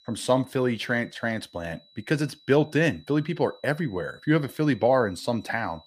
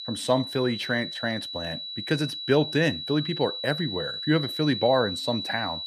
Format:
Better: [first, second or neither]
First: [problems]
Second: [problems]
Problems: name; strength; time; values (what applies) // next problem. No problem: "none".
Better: first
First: high-pitched whine; faint; throughout; 4 kHz, 30 dB below the speech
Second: high-pitched whine; loud; throughout; 4 kHz, 6 dB below the speech